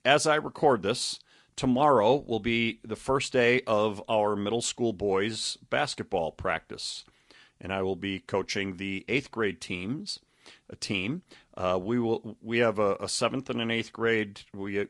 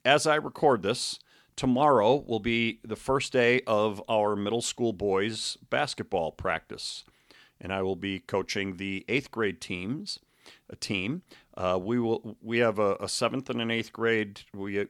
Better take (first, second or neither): second